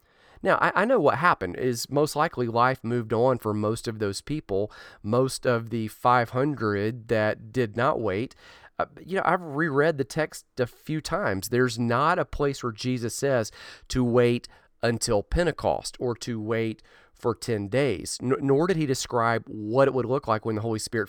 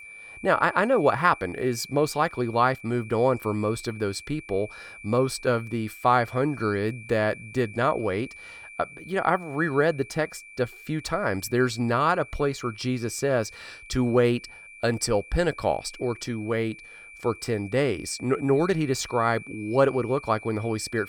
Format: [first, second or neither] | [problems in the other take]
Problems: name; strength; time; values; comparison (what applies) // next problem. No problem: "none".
first | high-pitched whine; noticeable; throughout; 2.5 kHz, 15 dB below the speech